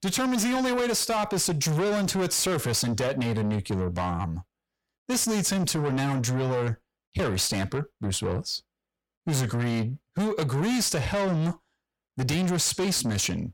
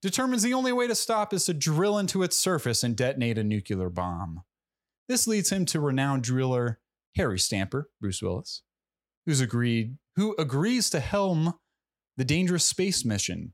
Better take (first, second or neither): second